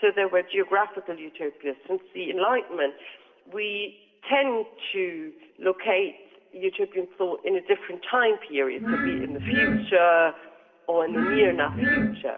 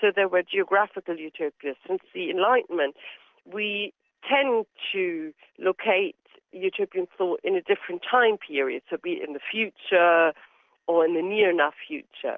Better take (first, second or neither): second